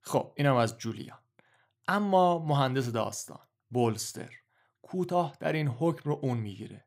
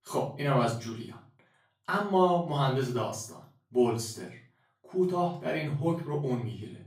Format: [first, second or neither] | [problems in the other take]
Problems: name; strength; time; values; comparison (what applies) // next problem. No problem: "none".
first | off-mic speech; far // room echo; slight; dies away in 0.3 s